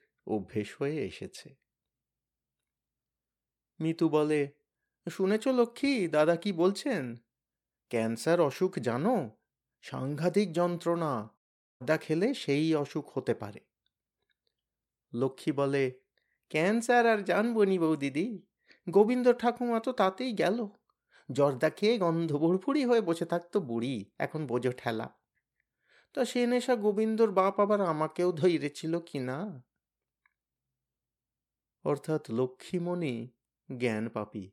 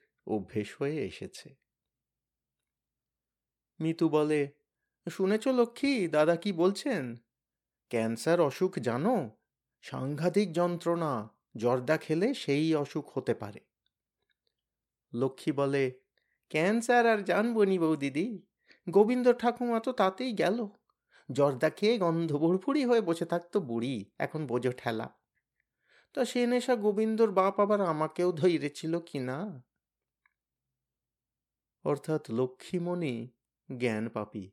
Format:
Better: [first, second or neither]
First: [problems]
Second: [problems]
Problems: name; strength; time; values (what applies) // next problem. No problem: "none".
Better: second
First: audio cutting out; at 11 s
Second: none